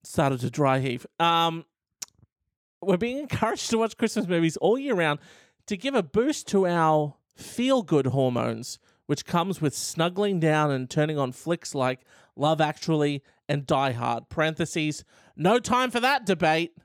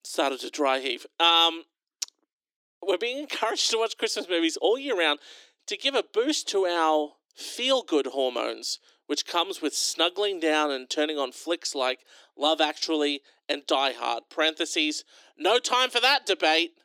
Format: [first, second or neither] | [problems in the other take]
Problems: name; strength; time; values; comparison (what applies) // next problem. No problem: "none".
first | thin; somewhat; fading below 300 Hz